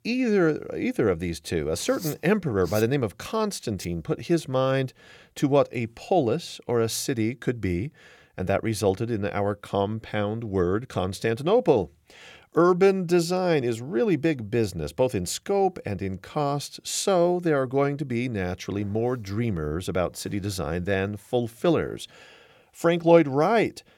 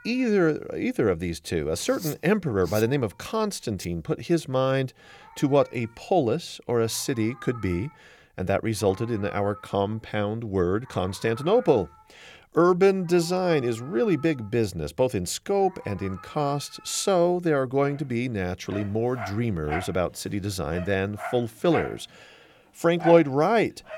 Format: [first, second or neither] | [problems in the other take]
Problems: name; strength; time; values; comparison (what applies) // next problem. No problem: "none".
first | animal sounds; noticeable; throughout; 15 dB below the speech